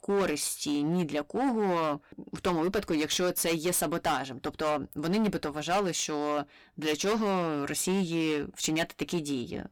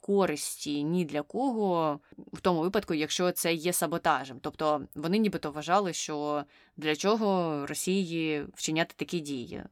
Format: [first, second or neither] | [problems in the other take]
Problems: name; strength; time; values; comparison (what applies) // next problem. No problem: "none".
second | distortion; heavy; 12% of the sound clipped